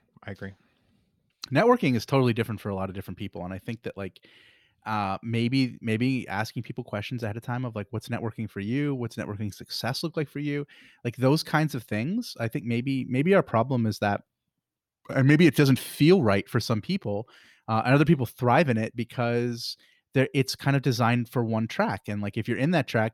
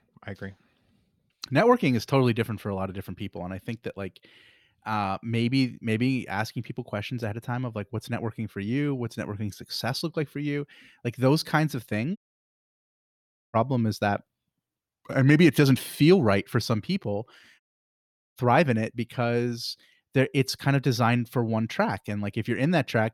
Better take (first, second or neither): first